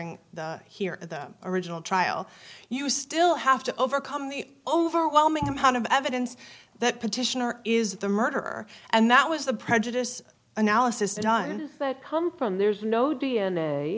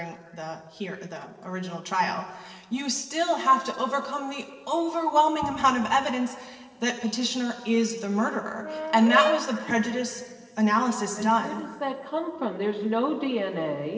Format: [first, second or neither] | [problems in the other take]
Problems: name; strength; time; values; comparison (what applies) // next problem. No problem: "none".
first | noise reduction (neural separator model SepFormer DNS4)